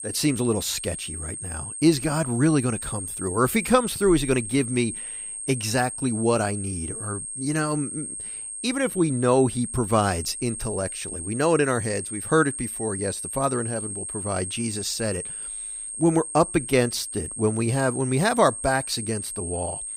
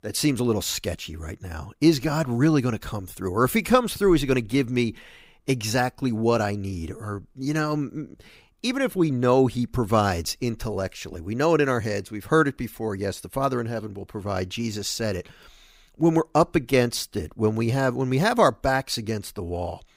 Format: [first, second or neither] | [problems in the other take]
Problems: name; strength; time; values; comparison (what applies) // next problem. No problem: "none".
second | high-pitched whine; loud; throughout; 8.5 kHz, 7 dB below the speech